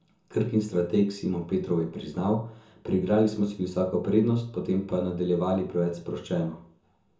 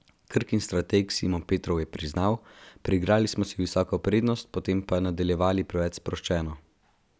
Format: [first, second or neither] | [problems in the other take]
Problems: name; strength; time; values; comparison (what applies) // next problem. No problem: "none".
second | room echo; dies away in 0.6 s